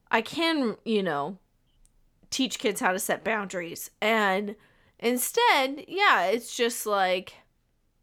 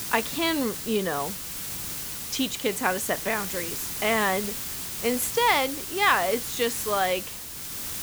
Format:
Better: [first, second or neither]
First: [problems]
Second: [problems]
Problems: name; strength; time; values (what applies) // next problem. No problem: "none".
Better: first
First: none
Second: hiss; loud; throughout; 5 dB below the speech